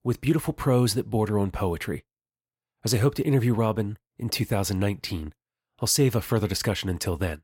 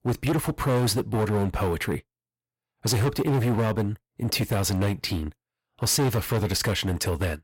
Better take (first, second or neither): first